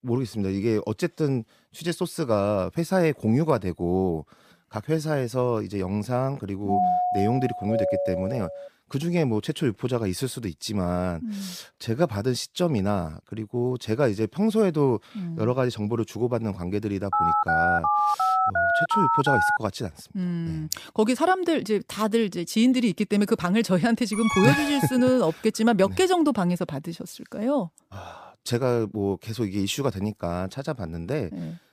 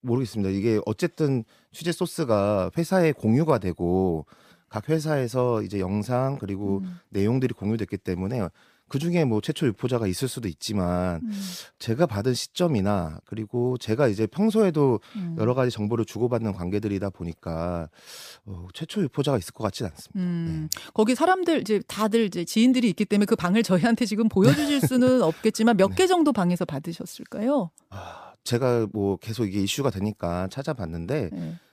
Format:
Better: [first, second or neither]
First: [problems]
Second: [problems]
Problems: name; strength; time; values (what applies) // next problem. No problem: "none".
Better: second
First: doorbell; loud; from 6.5 to 8.5 s; peak 3 dB above the speech // phone ringing; loud; from 17 to 20 s; peak 4 dB above the speech // alarm; loud; at 24 s; peak 1 dB above the speech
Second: none